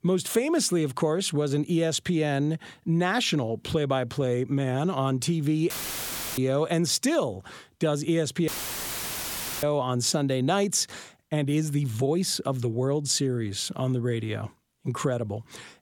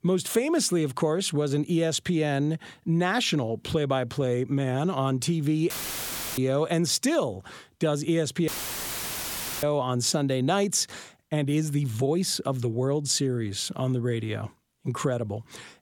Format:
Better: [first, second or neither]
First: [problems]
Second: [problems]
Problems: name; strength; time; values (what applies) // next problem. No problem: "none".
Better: neither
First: audio cutting out; filled with static; at 5.5 s for 0.5 s and at 8.5 s for 1 s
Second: audio cutting out; filled with static; at 5.5 s for 0.5 s and at 8.5 s for 1 s